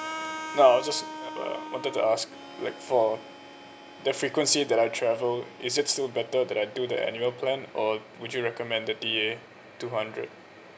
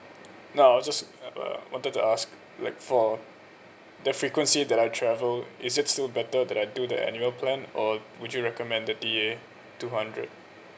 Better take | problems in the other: second | background sound (Harmonica); 15 dB below the speech

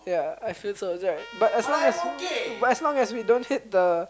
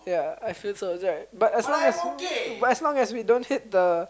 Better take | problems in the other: second | background sound (Trumpet); 19 dB below the speech

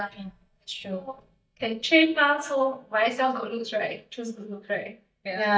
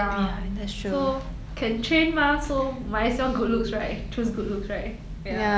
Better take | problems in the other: second | noise reduction (neural mask model DeepFilterNet 3)

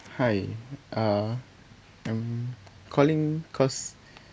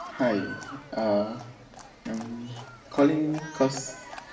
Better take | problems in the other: first | background sound (Livestock, farm animals, working animals); 14 dB below the speech // room echo; dies away in 0.7 s

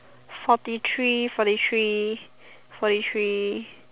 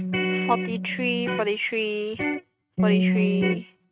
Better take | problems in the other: first | noise reduction (neural mask model RNNoise)

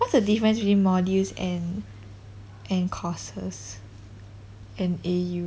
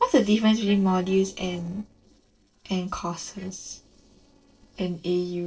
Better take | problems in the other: first | noise reduction (neural separator model SepFormer DNS4)

